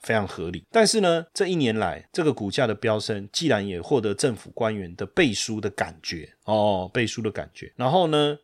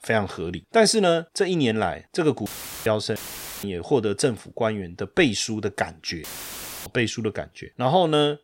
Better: first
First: none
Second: audio cutting out; filled with static; at 2.5 s, at 3 s and at 6 s for 0.5 s

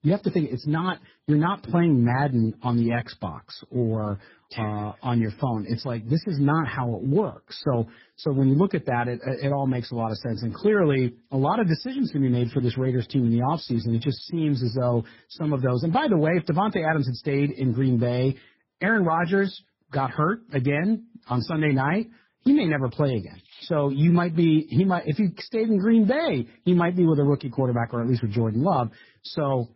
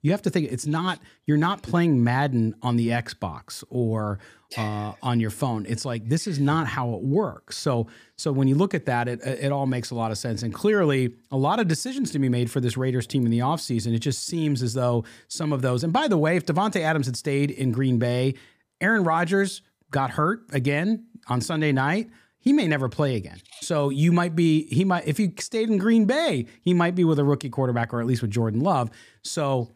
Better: second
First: garbled, watery; badly; nothing above 5.5 kHz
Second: none

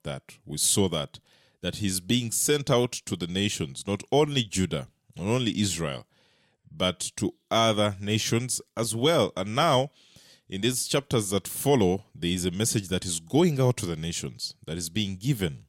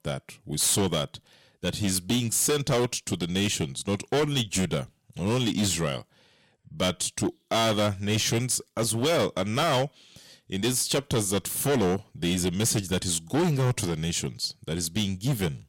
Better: first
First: none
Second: distortion; heavy; 12% of the sound clipped

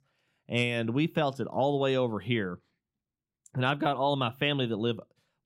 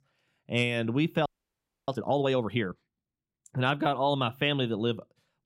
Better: first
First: none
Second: audio freezing; at 1.5 s for 0.5 s

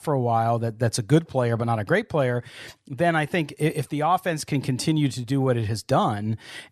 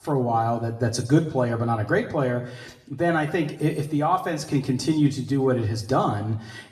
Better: first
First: none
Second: room echo; slight; dies away in 0.6 s // off-mic speech; far

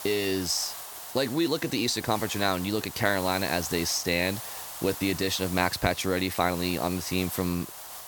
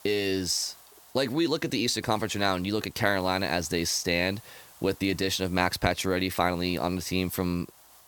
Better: second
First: hiss; loud; throughout; 10 dB below the speech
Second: hiss; faint; throughout; 25 dB below the speech

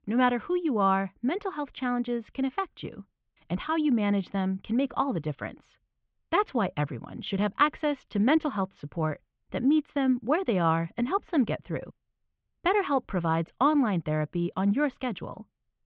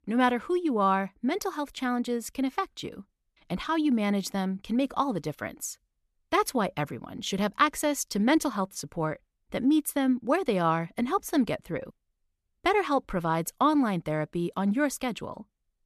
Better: second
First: muffled; very; fading above 3 kHz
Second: none

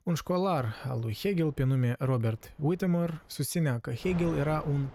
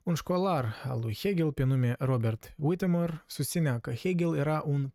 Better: second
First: wind noise on the microphone; occasional gusts; at 0.5 s, from 2.5 to 3.5 s and at 4 s; 10 dB below the speech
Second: none

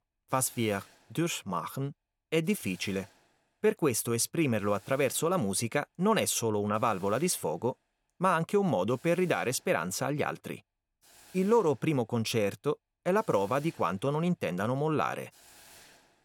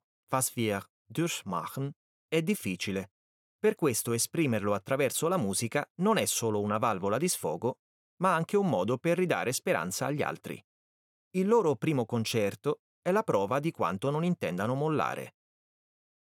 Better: second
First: hiss; faint; throughout; 25 dB below the speech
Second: none

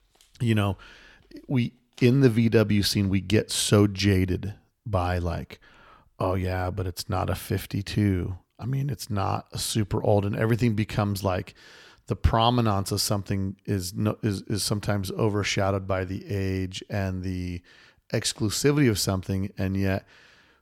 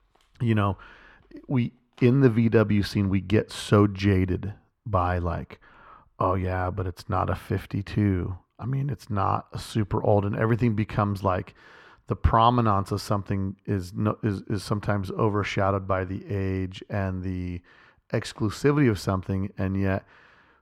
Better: first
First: none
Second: muffled; slightly; fading above 3.5 kHz

